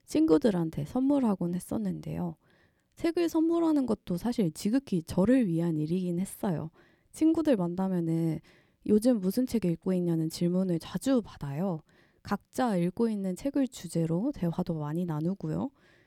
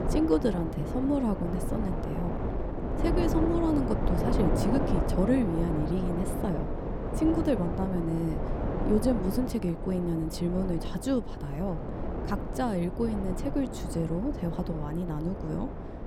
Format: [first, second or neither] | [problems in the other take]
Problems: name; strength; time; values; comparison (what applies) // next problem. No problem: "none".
first | wind noise on the microphone; heavy; 3 dB below the speech